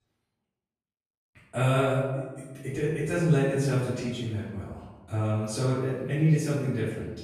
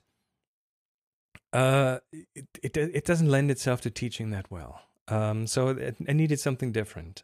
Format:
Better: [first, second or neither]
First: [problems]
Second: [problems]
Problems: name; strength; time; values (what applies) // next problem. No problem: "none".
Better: second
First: off-mic speech; far // room echo; strong; dies away in 1.1 s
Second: none